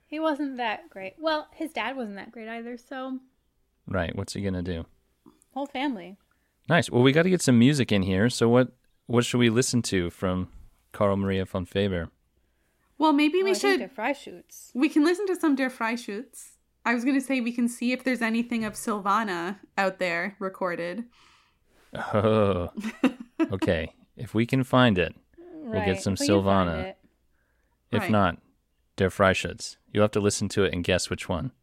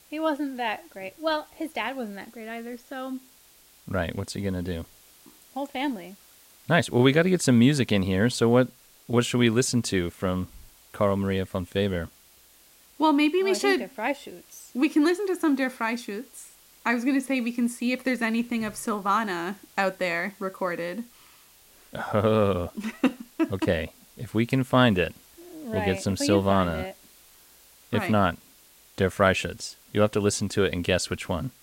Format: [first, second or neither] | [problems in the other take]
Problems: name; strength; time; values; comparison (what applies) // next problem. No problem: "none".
first | hiss; faint; throughout; 25 dB below the speech